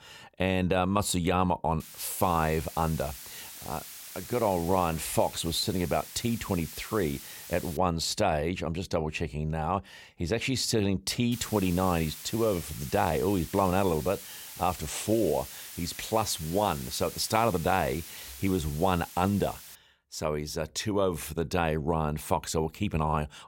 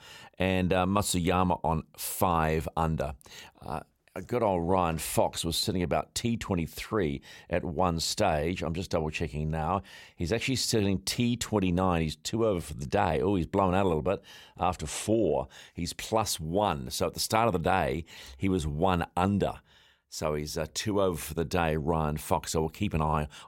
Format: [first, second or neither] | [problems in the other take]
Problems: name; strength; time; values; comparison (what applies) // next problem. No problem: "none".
second | hiss; noticeable; from 2 to 8 s and from 11 to 20 s; 15 dB below the speech